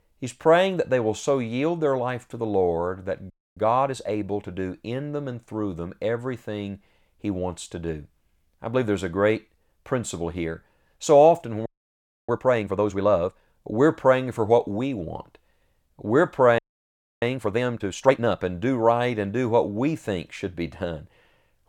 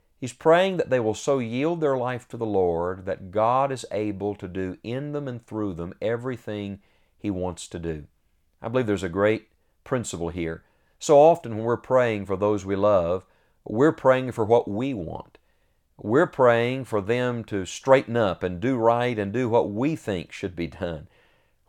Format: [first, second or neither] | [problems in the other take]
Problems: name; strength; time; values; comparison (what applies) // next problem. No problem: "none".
second | audio freezing; at 3.5 s, at 12 s for 0.5 s and at 17 s for 0.5 s